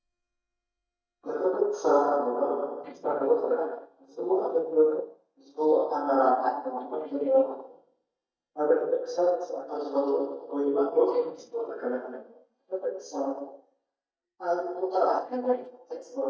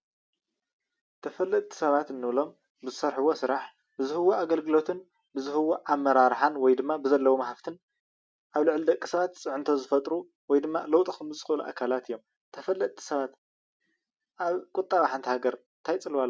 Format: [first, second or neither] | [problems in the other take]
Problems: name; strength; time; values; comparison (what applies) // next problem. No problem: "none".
second | noise reduction (neural mask model DeepFilterNet 3)